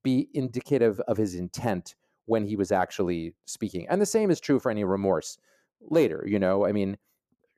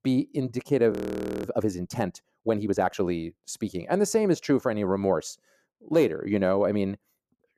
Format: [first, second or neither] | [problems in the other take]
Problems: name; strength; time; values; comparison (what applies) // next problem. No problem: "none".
first | audio freezing; at 1 s for 0.5 s